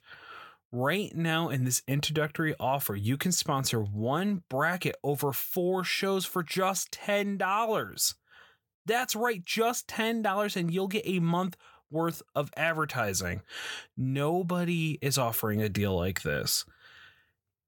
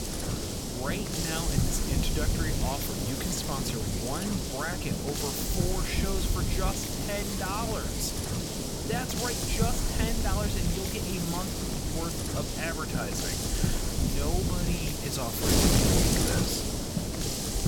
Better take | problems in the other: first | wind noise on the microphone; heavy; 3 dB above the speech

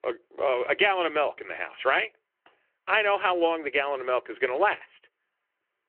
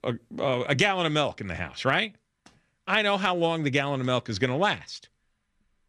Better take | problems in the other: second | phone-call audio

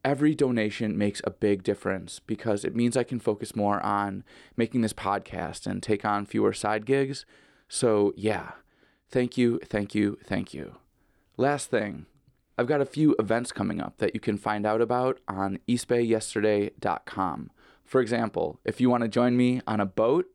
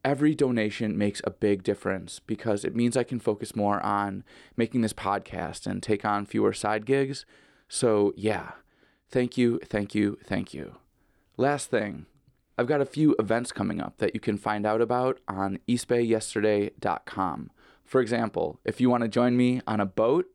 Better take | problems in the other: neither | none

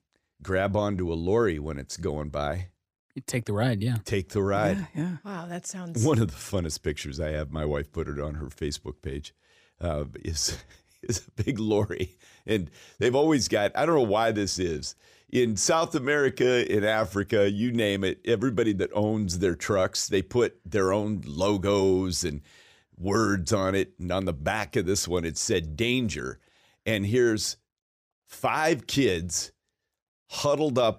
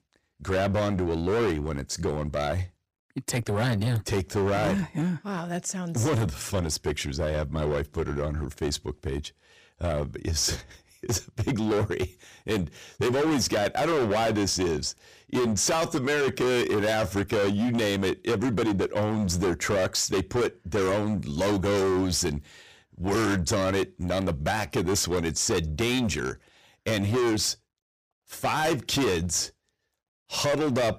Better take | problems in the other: first | distortion; heavy; 20% of the sound clipped

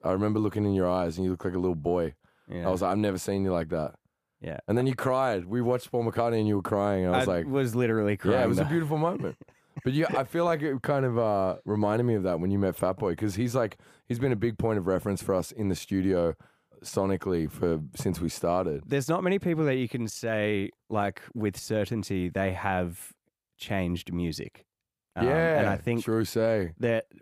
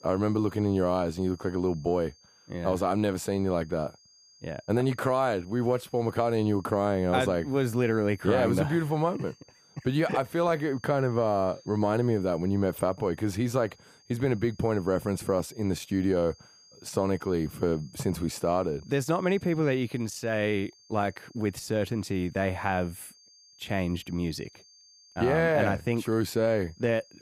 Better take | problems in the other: first | high-pitched whine; faint; throughout; 5 kHz, 30 dB below the speech

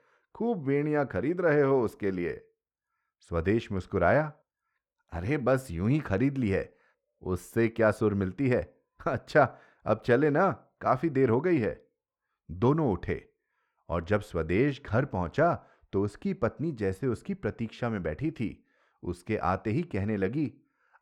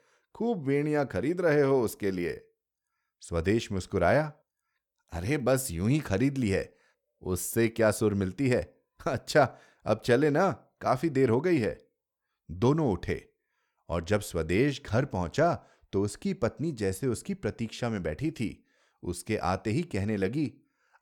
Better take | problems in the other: second | muffled; slightly; fading above 4 kHz

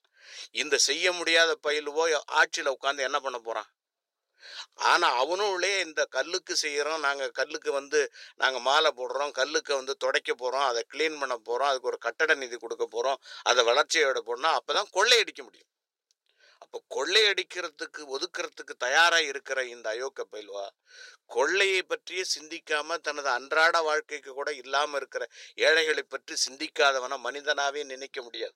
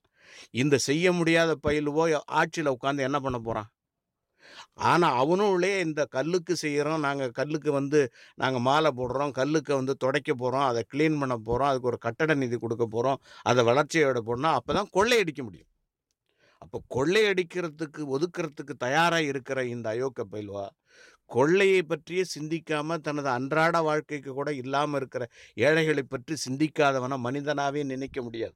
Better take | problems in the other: second | thin; very; fading below 450 Hz

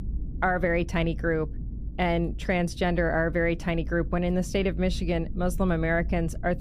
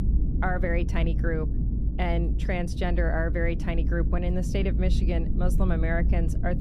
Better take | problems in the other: first | low rumble; loud; throughout; 10 dB below the speech; faint in the first

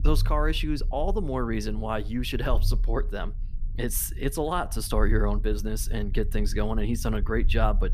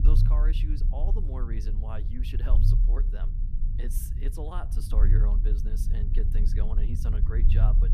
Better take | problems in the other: first | low rumble; loud; throughout; 3 dB below the speech; faint in the first

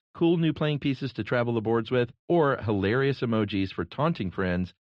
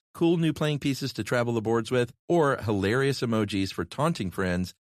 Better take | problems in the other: second | muffled; slightly; fading above 3.5 kHz

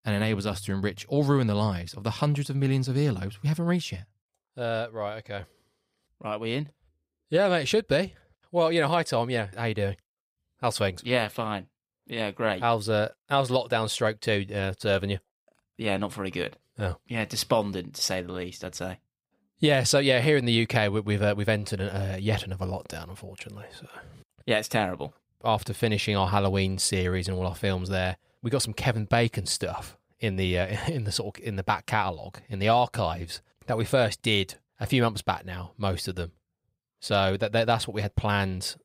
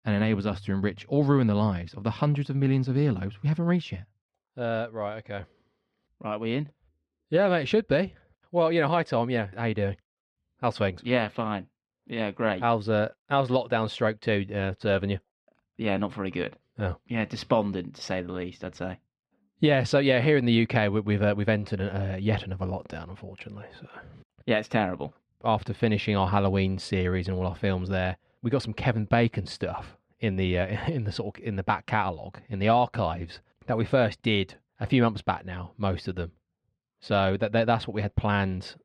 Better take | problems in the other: first | muffled; slightly; fading above 3 kHz

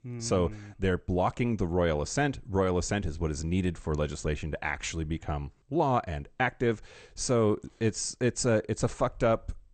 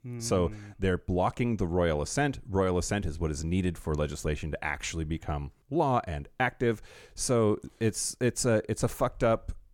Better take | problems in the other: second | garbled, watery; slightly; nothing above 8.5 kHz

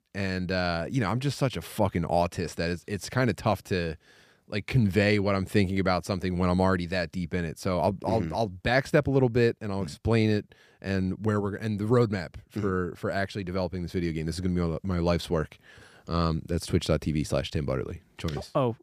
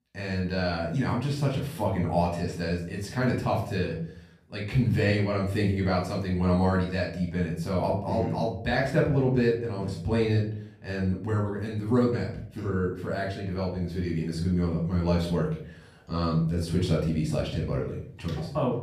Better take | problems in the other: first | off-mic speech; far // room echo; slight; dies away in 0.5 s

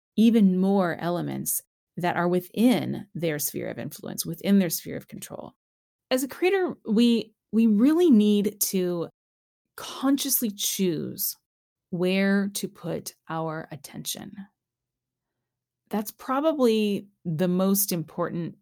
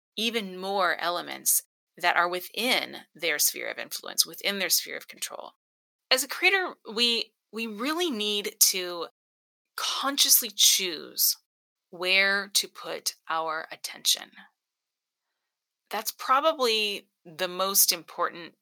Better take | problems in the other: first | thin; very; fading below 700 Hz

